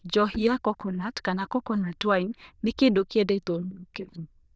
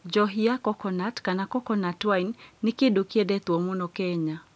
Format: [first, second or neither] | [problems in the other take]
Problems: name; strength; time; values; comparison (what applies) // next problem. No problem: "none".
second | noise reduction (neural diffusion model UNIVERSE++)